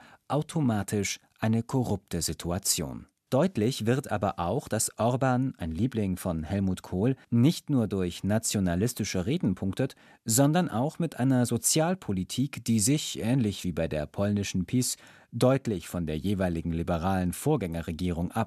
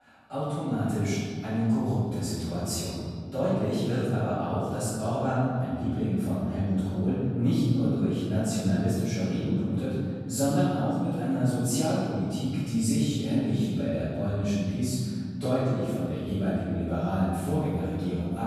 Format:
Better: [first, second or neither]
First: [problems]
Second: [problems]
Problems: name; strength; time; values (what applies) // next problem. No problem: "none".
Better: first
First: none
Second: off-mic speech; far // room echo; strong; dies away in 2.4 s